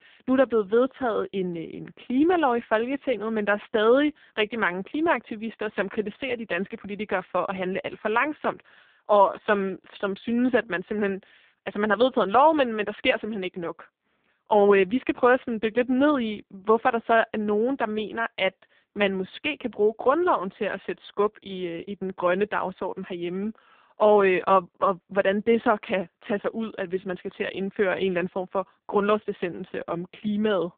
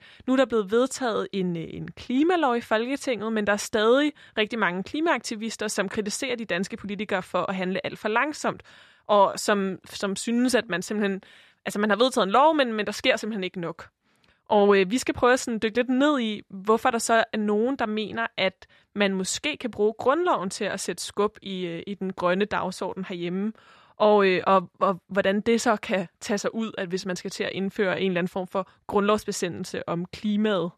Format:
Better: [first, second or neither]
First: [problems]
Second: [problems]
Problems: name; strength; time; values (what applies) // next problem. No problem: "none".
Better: second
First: phone-call audio; poor line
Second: none